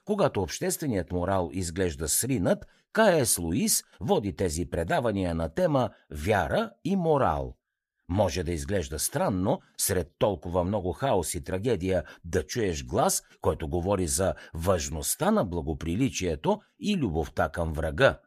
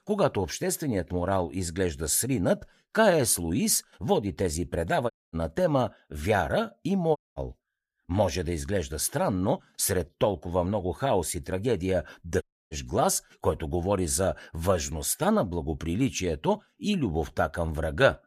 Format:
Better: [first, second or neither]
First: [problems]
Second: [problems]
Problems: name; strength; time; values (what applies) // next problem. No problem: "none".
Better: first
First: none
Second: audio cutting out; at 5 s, at 7 s and at 12 s